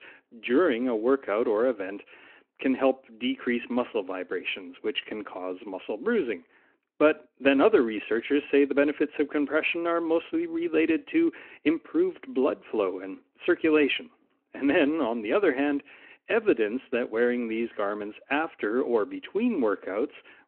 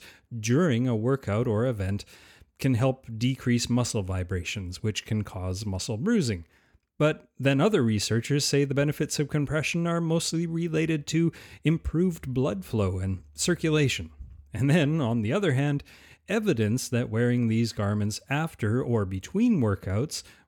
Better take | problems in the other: second | phone-call audio

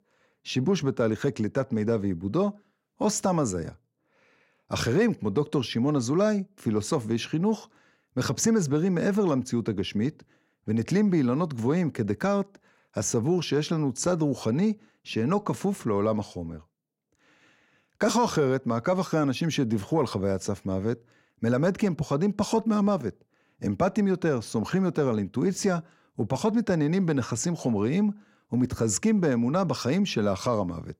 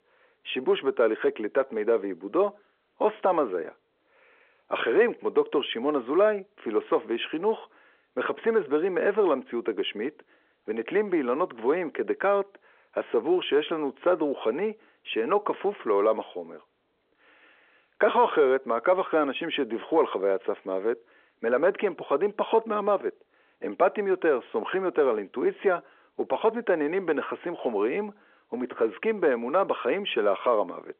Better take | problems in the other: first | phone-call audio; nothing above 3.5 kHz

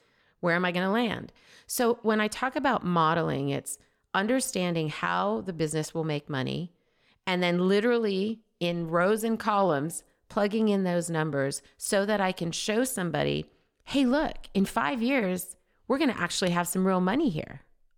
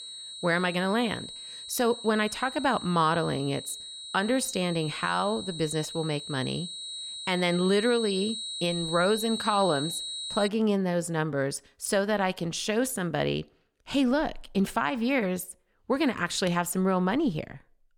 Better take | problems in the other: first | high-pitched whine; loud; until 10 s; 4 kHz, 8 dB below the speech

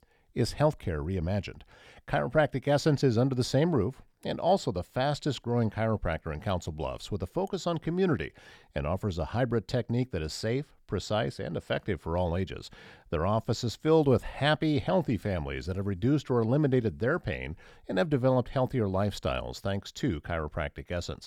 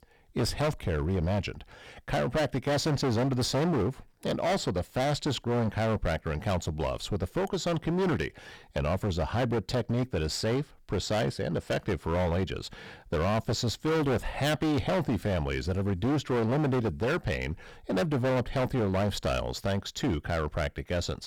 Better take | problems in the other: first | distortion; heavy; 20% of the sound clipped

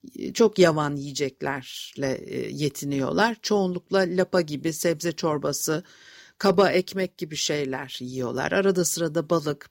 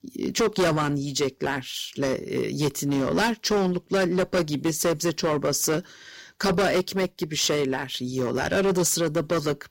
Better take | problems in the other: first | distortion; heavy; 12% of the sound clipped

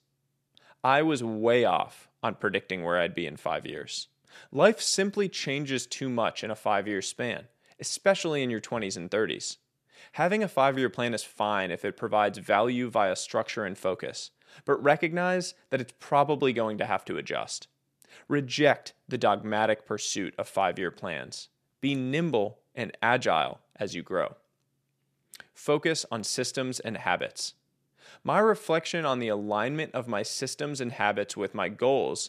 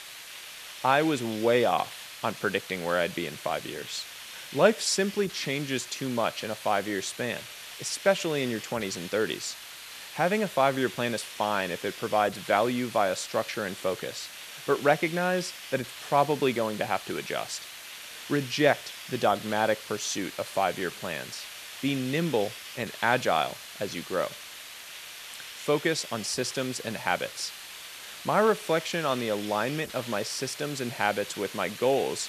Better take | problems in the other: first | hiss; noticeable; throughout; 10 dB below the speech

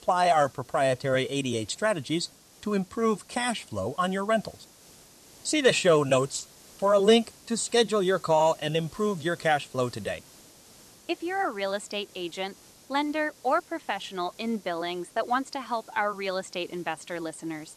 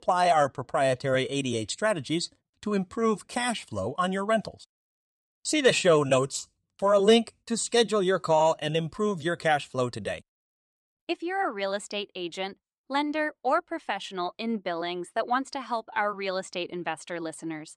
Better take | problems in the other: second | hiss; faint; throughout; 25 dB below the speech

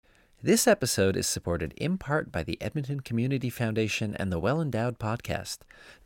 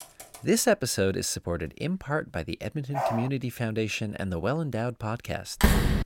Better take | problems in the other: first | keyboard typing; faint; at the start; peak 15 dB below the speech // dog barking; noticeable; at 3 s; peak 1 dB below the speech // door banging; loud; at 5.5 s; peak 6 dB above the speech

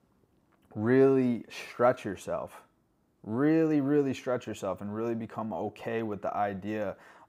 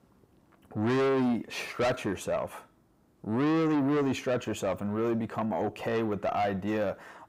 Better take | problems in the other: first | distortion; heavy; 6 dB below the speech

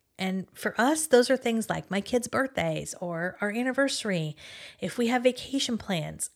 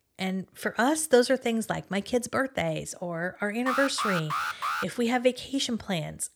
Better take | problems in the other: first | alarm; noticeable; from 3.5 to 5 s; peak 2 dB below the speech

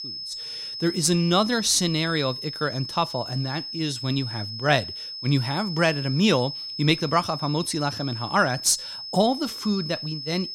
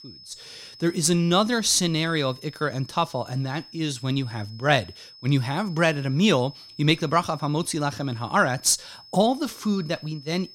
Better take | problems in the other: second | high-pitched whine; loud; throughout; 5 kHz, 8 dB below the speech; faint in the second

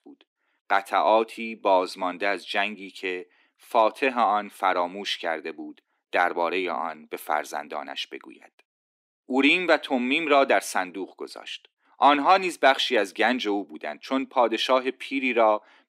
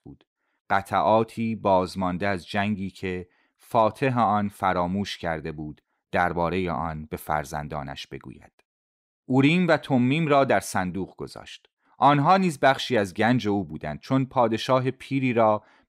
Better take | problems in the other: second | thin; very slightly; fading below 250 Hz

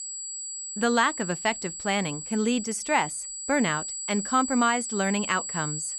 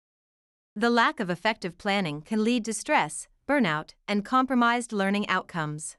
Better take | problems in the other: second | high-pitched whine; loud; throughout; 7.5 kHz, 6 dB below the speech

